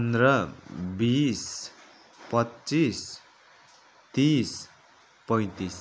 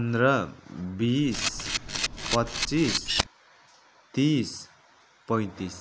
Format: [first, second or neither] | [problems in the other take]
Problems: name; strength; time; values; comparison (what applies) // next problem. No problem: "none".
first | background sound (Camera); 2 dB below the speech